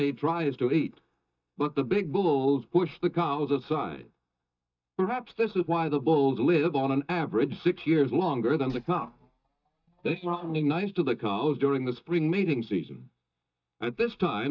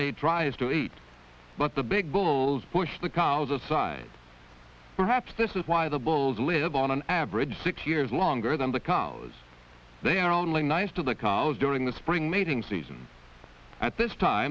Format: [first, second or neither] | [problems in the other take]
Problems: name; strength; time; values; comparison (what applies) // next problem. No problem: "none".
second | noise reduction (neural mask model DeepFilterNet 3)